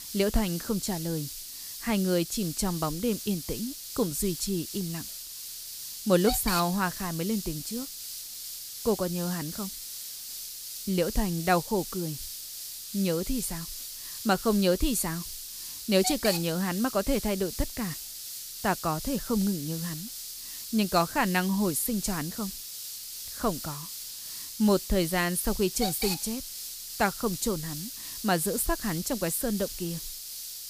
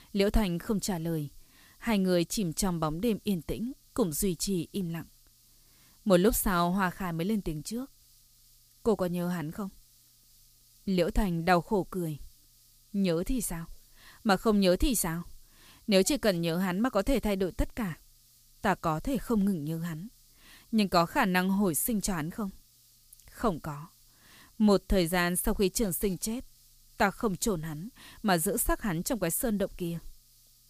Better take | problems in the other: second | hiss; loud; throughout; 7 dB below the speech; faint in the second

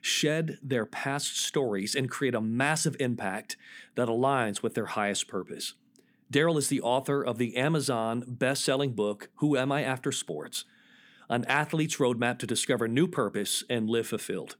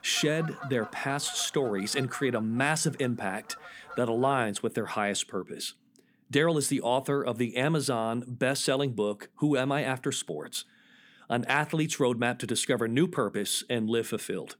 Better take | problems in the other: first | animal sounds; noticeable; until 4.5 s; 15 dB below the speech

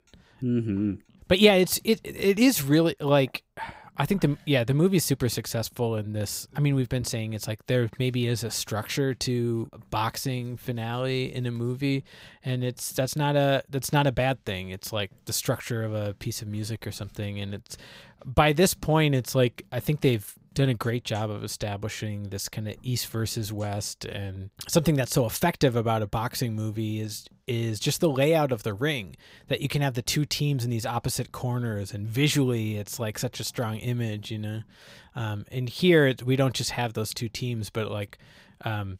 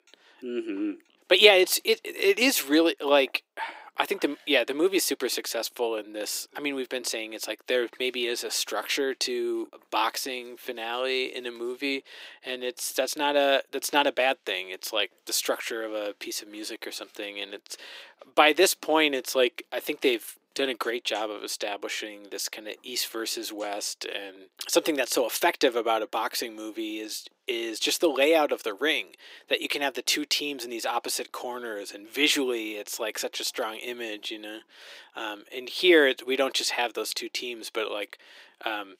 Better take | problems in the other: first | thin; somewhat; fading below 300 Hz

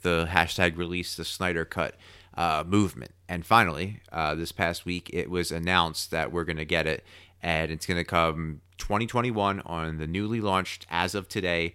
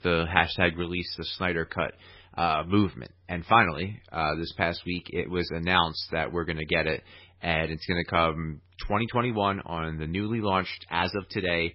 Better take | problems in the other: first | garbled, watery; badly; nothing above 5.5 kHz

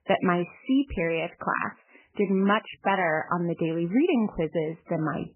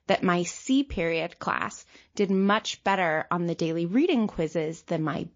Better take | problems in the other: second | garbled, watery; badly; nothing above 3 kHz; slightly in the second

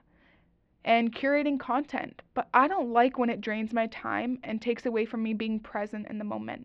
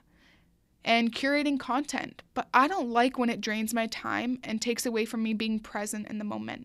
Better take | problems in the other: second | muffled; very; fading above 3 kHz

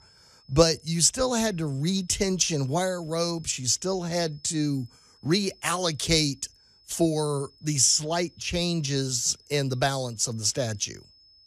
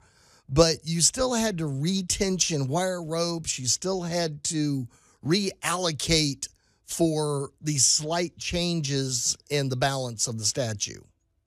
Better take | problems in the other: second | high-pitched whine; faint; throughout; 5 kHz, 30 dB below the speech

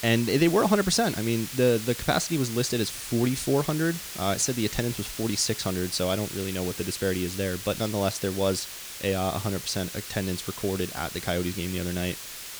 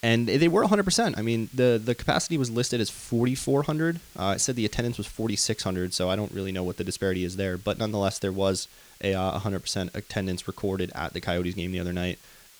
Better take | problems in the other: second | hiss; loud; throughout; 8 dB below the speech; faint in the second

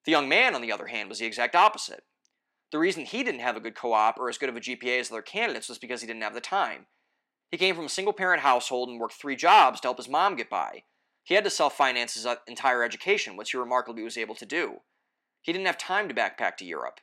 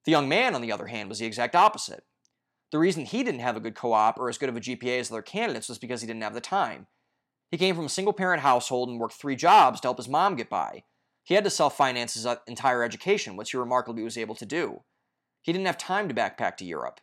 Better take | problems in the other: second | thin; very slightly; fading below 300 Hz

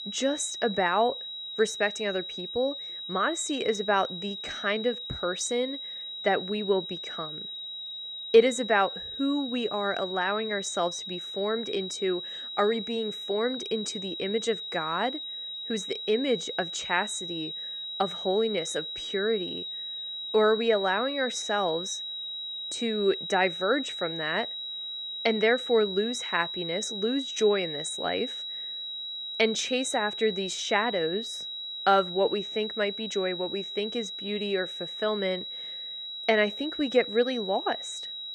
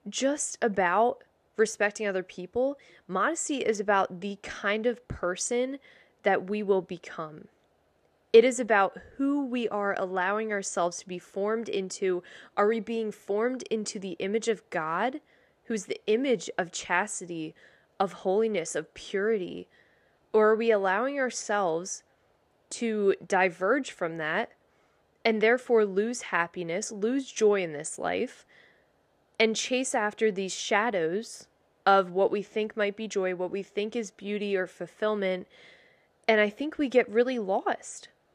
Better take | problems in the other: second | high-pitched whine; loud; throughout; 4 kHz, 6 dB below the speech

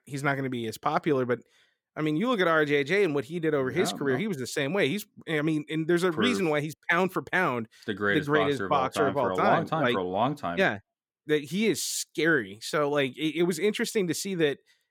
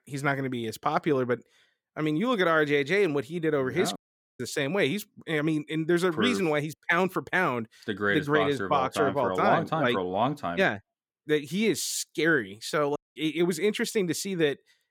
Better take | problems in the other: first | audio cutting out; at 4 s and at 13 s

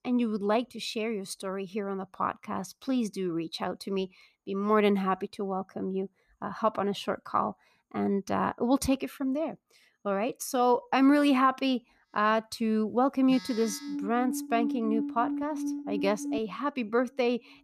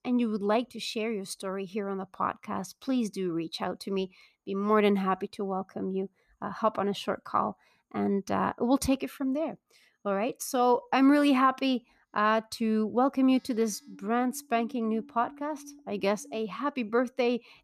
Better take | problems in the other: second | alarms or sirens; loud; from 13 s on; 6 dB below the speech; faint in the second

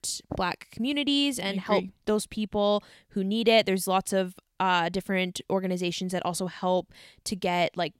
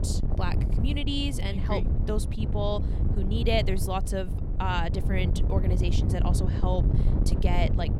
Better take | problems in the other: first | wind noise on the microphone; heavy; 7 dB below the speech

